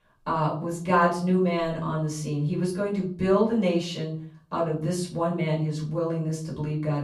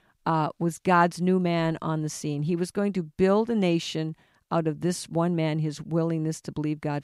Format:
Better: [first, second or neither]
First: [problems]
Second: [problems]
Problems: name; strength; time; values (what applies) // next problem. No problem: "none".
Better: second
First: off-mic speech; far // room echo; slight; dies away in 0.4 s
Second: none